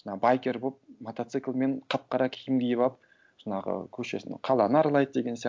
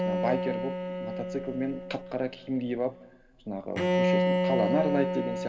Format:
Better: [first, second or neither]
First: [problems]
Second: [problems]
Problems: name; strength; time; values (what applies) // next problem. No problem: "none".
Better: first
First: none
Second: background sound (Bowed string instrument); 2 dB above the speech // room echo; dies away in 1.3 s